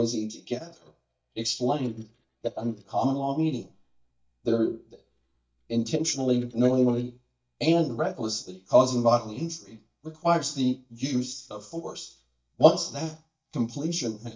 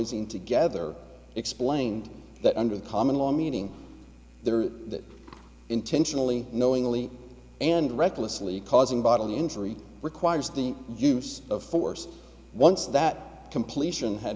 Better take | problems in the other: second | noise reduction (neural mask model DeepFilterNet 3)

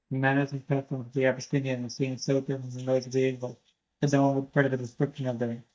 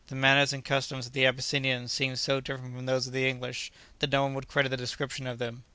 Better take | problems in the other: second | noise reduction (neural mask model DeepFilterNet 3)

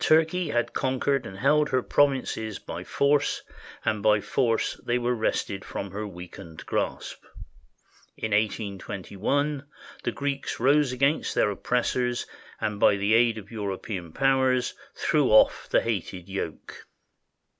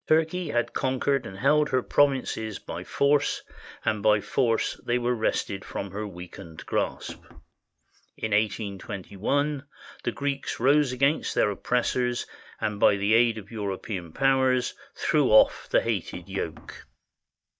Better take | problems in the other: first | noise reduction (neural mask model DeepFilterNet 3)

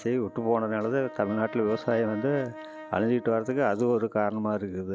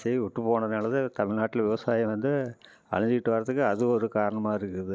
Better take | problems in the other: second | background sound (Brass instrument); 16 dB below the speech

